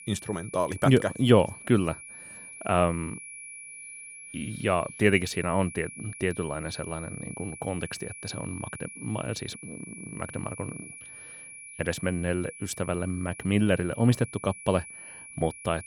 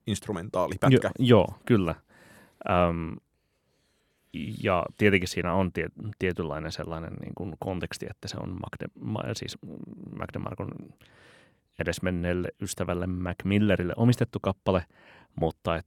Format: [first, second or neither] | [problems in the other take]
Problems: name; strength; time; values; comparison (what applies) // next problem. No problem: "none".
second | high-pitched whine; noticeable; throughout; 2.5 kHz, 15 dB below the speech